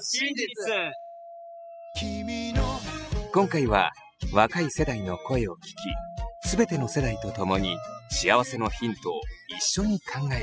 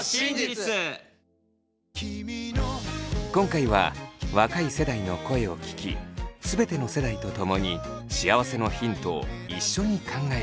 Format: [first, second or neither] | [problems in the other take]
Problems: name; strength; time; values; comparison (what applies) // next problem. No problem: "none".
second | noise reduction (classical method spectral subtraction)